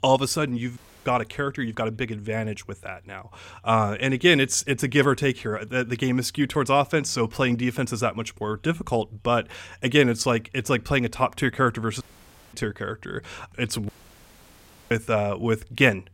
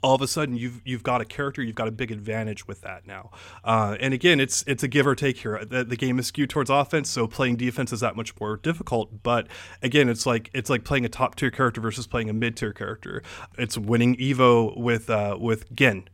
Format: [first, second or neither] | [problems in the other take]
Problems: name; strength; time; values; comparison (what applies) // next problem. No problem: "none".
second | audio cutting out; at 1 s, at 12 s for 0.5 s and at 14 s for 1 s